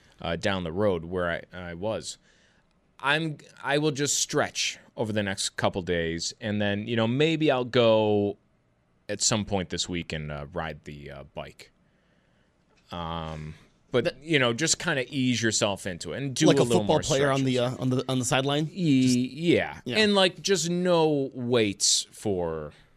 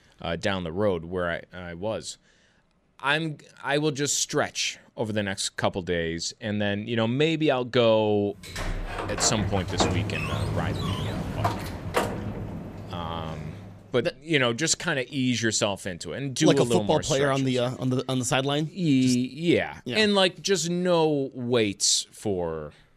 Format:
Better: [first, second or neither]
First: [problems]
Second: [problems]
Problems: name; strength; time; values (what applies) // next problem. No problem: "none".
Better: first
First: none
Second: door banging; noticeable; from 8.5 to 13 s; peak 1 dB below the speech